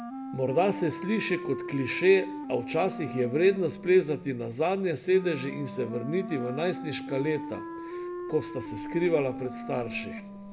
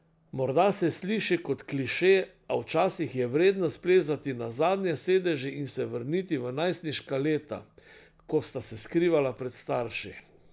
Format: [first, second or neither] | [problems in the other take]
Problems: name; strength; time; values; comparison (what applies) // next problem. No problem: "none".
second | background sound (Wind instrument, woodwind instrument); 10 dB below the speech // room echo; dies away in 0.9 s